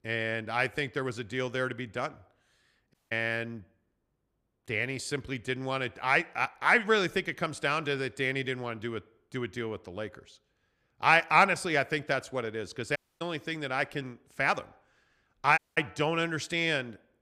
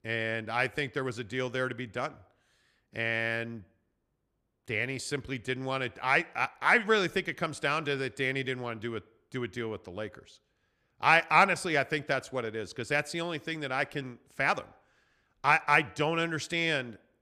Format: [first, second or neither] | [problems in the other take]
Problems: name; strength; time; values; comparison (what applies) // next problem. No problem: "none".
second | audio cutting out; at 3 s, at 13 s and at 16 s